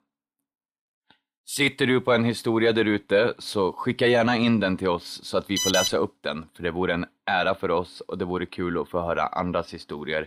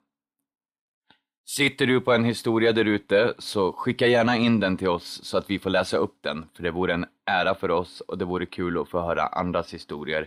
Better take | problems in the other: second | alarm; loud; at 5.5 s; peak 1 dB above the speech

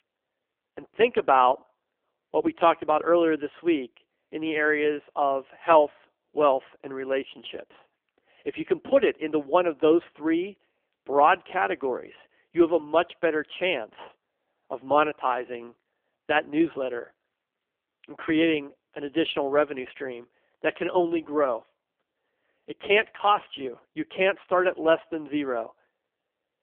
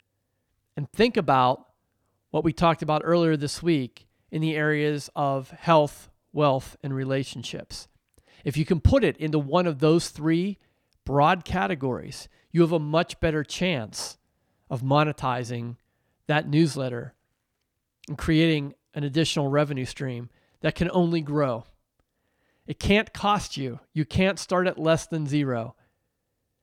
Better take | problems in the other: second | phone-call audio; poor line; nothing above 3.5 kHz

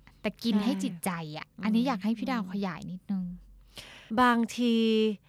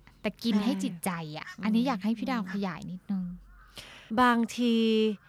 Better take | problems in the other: first | animal sounds; faint; throughout; 25 dB below the speech

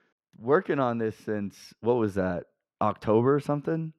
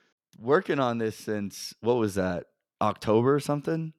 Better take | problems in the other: second | muffled; slightly; fading above 3 kHz

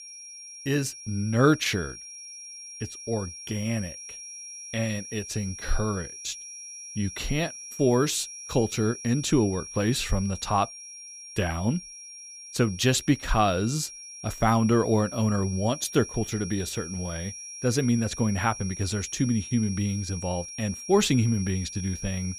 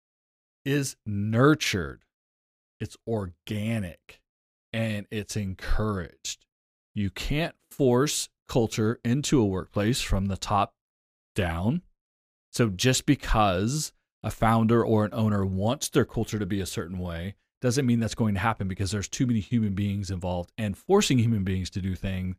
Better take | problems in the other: second | high-pitched whine; noticeable; throughout; 5.5 kHz, 10 dB below the speech

